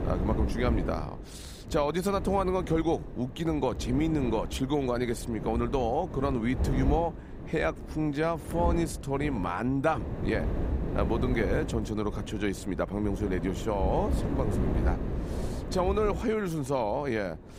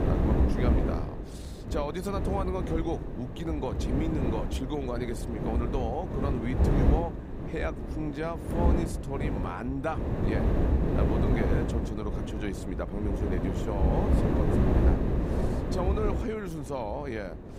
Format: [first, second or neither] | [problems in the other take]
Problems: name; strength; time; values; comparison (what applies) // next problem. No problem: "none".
first | wind noise on the microphone; heavy; as loud as the speech; occasional gusts in the first